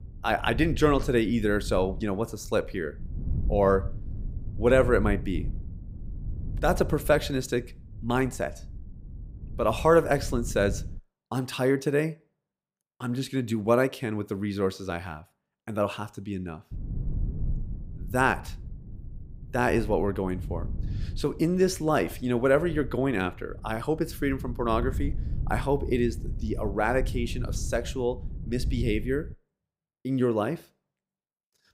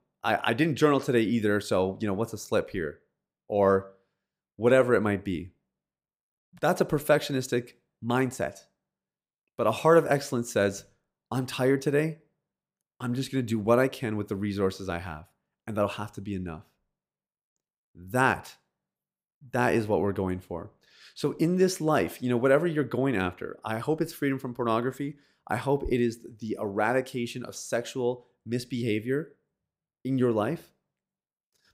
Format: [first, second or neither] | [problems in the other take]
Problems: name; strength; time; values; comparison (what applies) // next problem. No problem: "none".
second | low rumble; faint; until 11 s and from 17 to 29 s; 25 dB below the speech